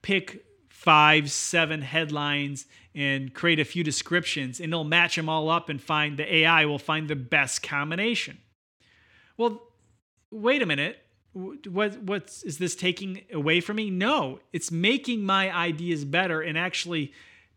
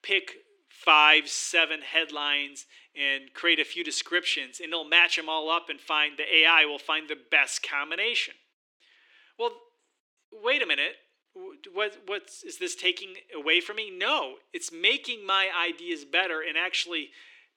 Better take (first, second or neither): first